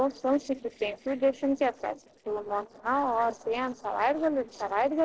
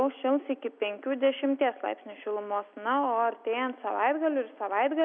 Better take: second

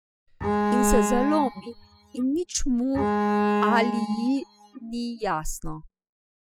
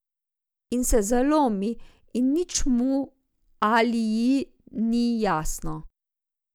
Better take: second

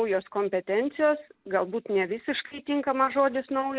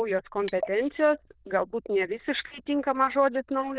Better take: first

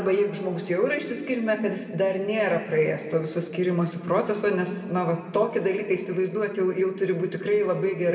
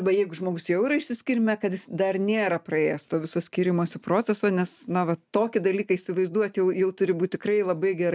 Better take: second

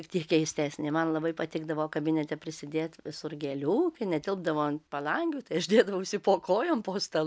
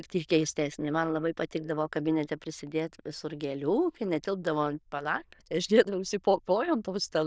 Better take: first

